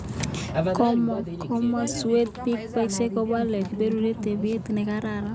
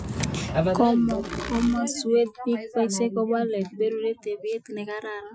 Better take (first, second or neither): first